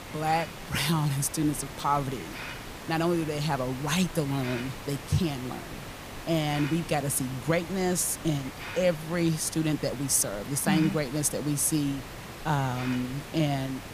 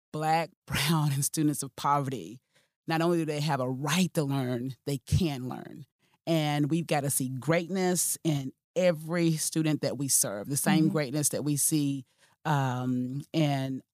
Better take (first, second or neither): second